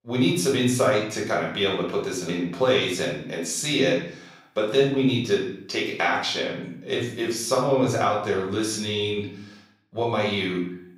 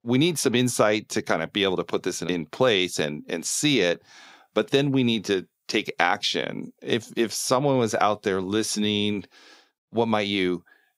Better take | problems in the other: second | off-mic speech; far // room echo; noticeable; dies away in 0.6 s

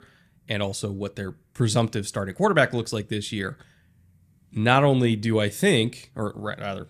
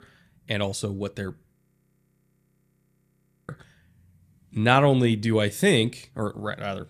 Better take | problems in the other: first | audio freezing; at 1.5 s for 2 s

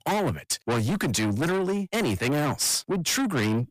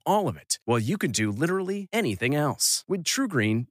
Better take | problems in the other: second | distortion; heavy; 7 dB below the speech

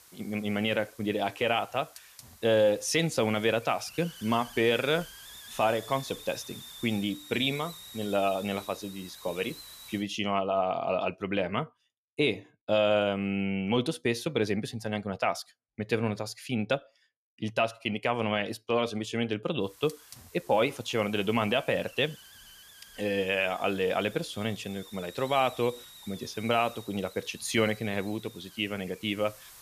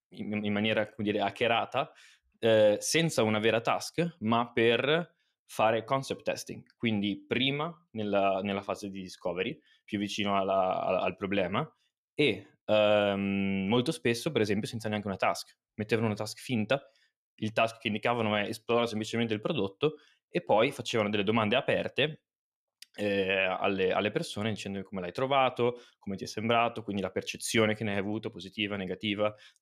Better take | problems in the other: second | hiss; noticeable; until 10 s and from 20 s on; 15 dB below the speech

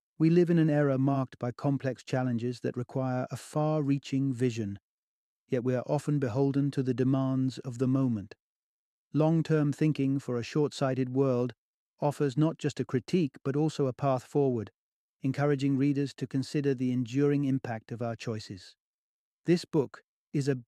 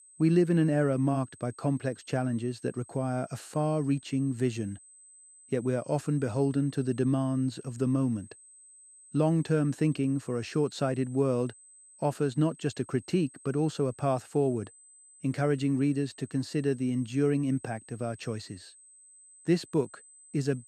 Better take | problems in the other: first | high-pitched whine; faint; throughout; 8 kHz, 25 dB below the speech

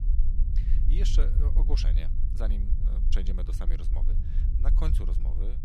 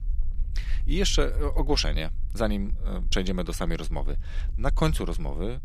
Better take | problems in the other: second | low rumble; loud; throughout; 6 dB below the speech; faint in the second

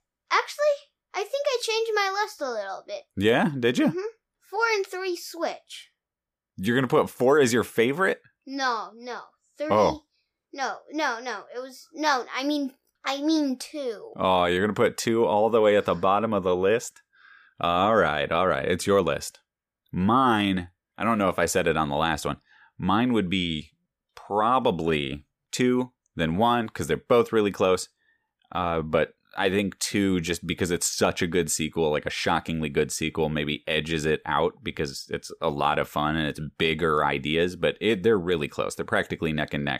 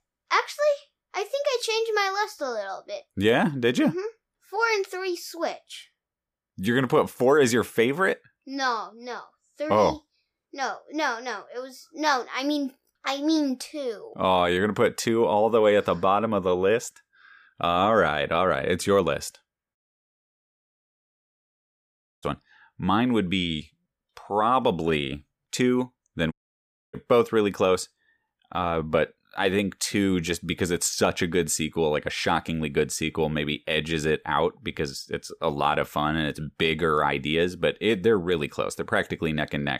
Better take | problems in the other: first | audio cutting out; at 20 s for 2.5 s and at 26 s for 0.5 s

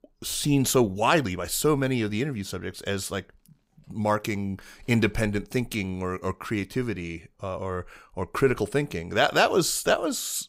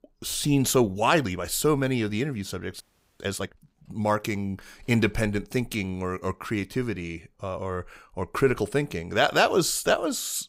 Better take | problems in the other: first | audio freezing; at 3 s

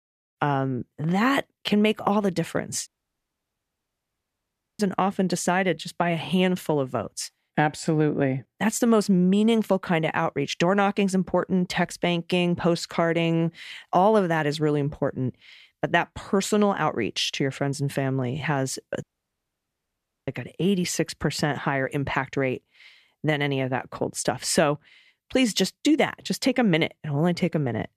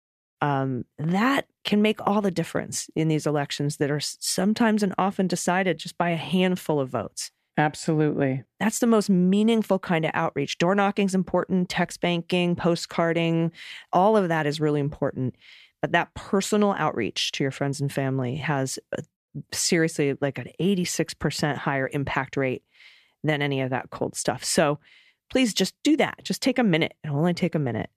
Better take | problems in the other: second | audio cutting out; at 3 s for 2 s and at 19 s for 1 s

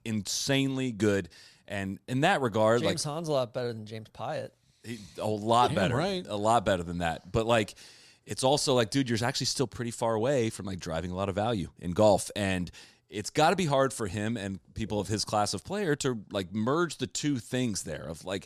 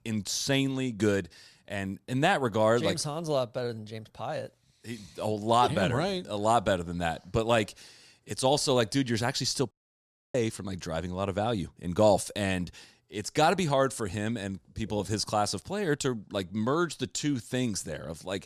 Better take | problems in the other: first | audio cutting out; at 9.5 s for 0.5 s

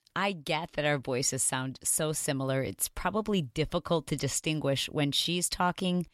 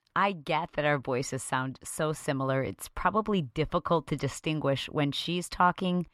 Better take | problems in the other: first | muffled; slightly; fading above 3.5 kHz

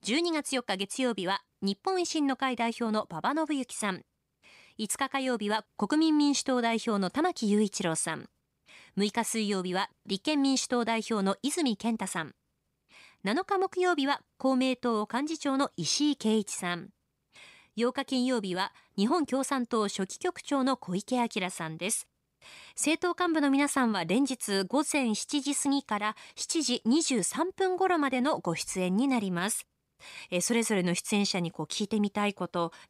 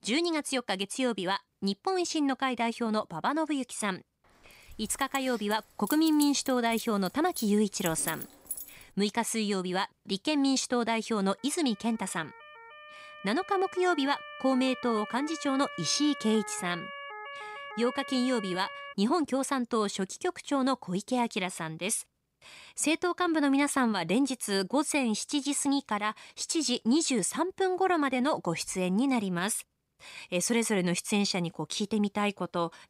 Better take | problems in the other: first | jangling keys; noticeable; from 4.5 to 9 s; peak 7 dB below the speech // siren; faint; from 11 to 19 s; peak 10 dB below the speech

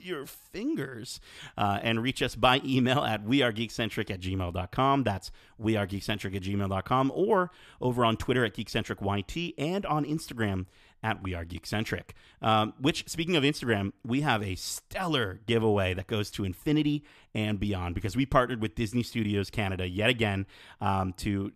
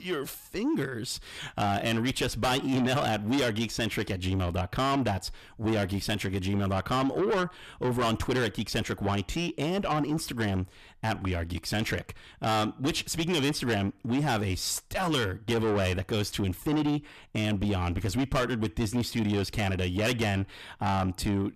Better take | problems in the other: first | distortion; heavy; 6 dB below the speech

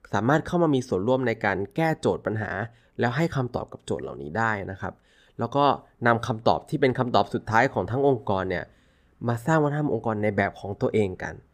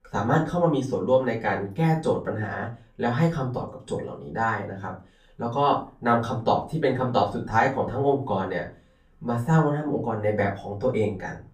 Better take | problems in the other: first | off-mic speech; far // room echo; slight; dies away in 0.3 s

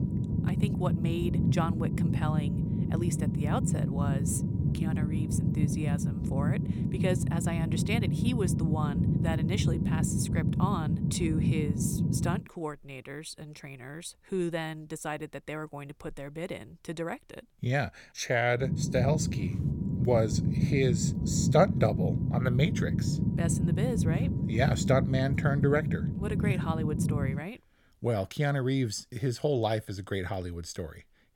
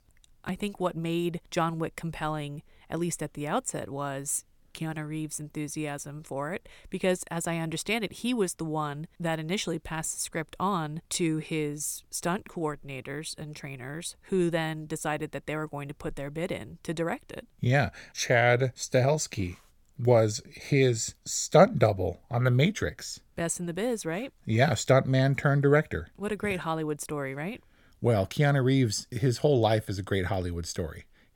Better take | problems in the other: second | low rumble; loud; until 12 s and from 19 to 27 s; 4 dB below the speech

